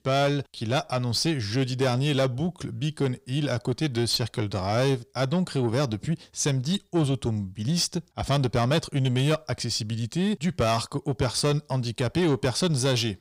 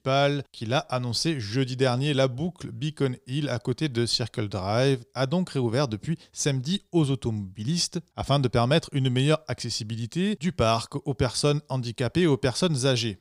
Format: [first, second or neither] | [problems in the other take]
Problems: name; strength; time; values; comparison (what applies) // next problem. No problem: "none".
second | distortion; slight; 10 dB below the speech